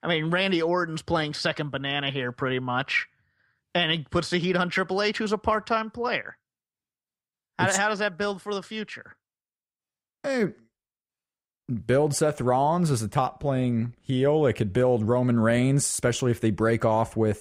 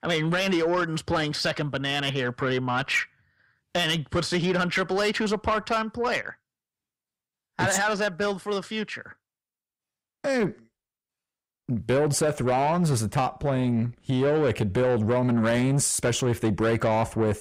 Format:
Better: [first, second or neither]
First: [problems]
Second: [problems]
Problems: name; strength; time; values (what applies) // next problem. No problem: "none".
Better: first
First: none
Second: distortion; slight; 10 dB below the speech